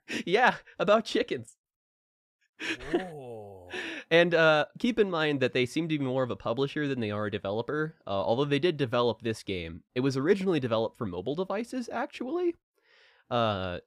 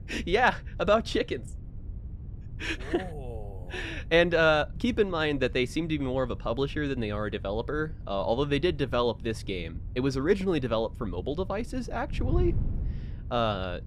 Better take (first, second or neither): first